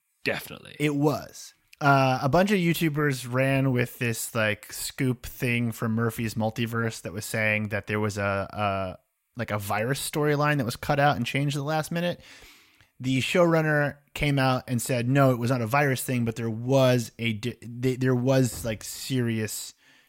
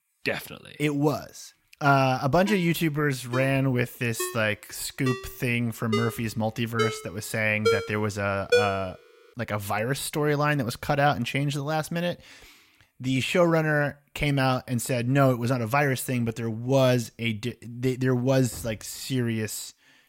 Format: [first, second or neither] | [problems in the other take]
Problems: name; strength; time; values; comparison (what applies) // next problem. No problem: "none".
first | phone ringing; loud; from 2.5 to 8.5 s; peak 2 dB above the speech